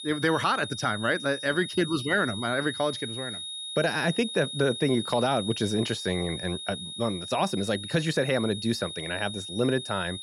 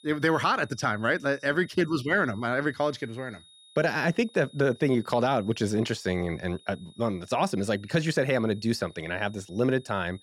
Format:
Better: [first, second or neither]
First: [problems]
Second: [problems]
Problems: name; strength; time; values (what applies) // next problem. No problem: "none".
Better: second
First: high-pitched whine; loud; throughout; 3.5 kHz, 7 dB below the speech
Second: high-pitched whine; faint; throughout; 3.5 kHz, 25 dB below the speech